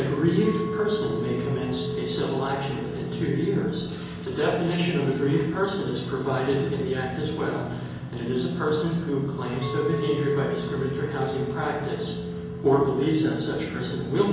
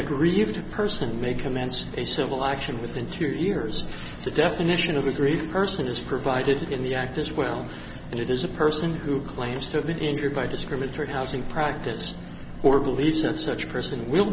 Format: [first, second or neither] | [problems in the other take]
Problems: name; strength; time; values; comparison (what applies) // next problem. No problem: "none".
second | background sound (Chink, clink); 11 dB below the speech // room echo; dies away in 1 s